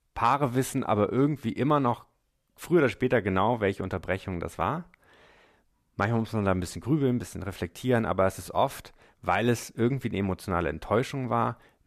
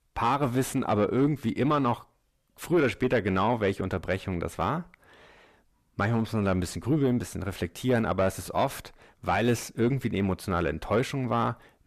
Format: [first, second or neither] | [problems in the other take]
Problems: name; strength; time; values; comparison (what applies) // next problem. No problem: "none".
first | distortion; slight; 10 dB below the speech